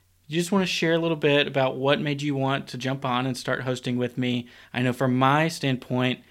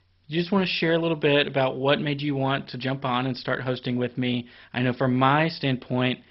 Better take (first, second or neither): first